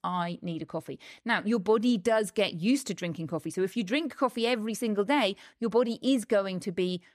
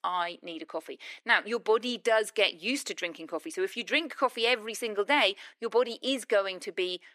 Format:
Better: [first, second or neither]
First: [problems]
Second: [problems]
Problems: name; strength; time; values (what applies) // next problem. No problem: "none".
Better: first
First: none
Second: thin; somewhat; fading below 350 Hz